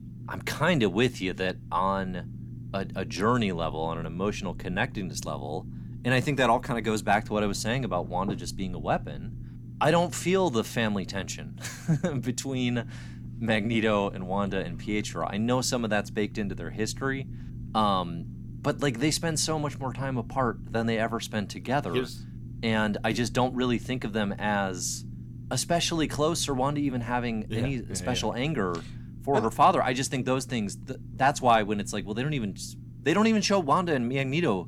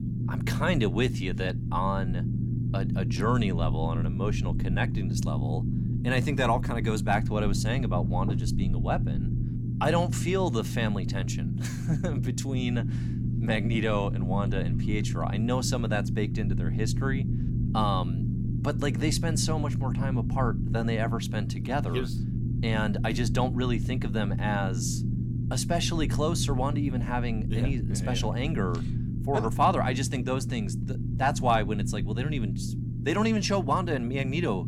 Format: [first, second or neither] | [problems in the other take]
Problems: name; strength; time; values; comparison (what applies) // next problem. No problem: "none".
first | low rumble; loud; throughout; 9 dB below the speech; faint in the first